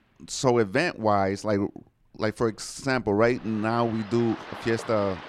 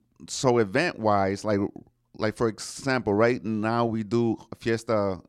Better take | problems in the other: second | rain or running water; noticeable; throughout; 15 dB below the speech

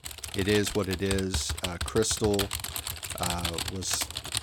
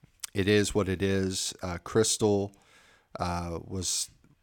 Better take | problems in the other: second | keyboard typing; noticeable; peak 1 dB below the speech

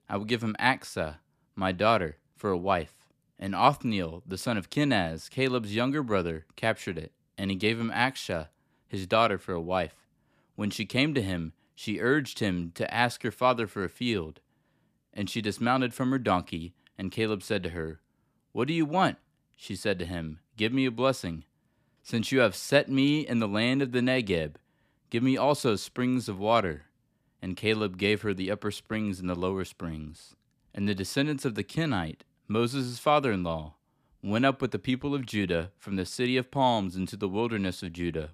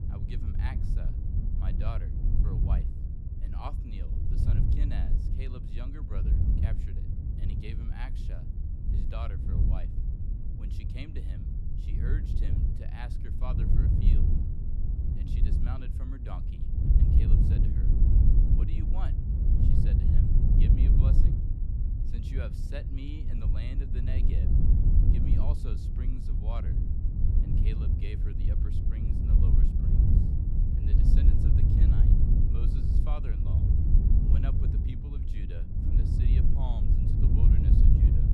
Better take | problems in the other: first | wind noise on the microphone; heavy; 4 dB above the speech

